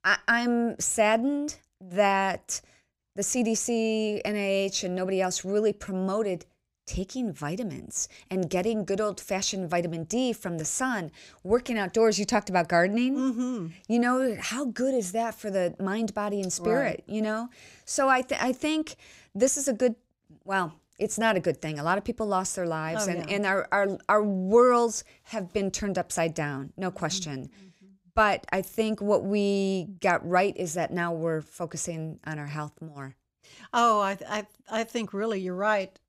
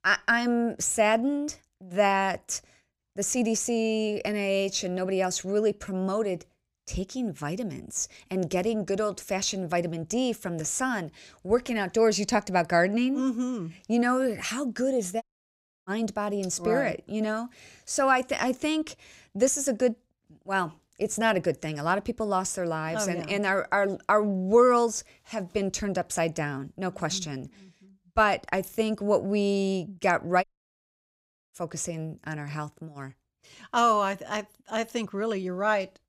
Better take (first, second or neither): first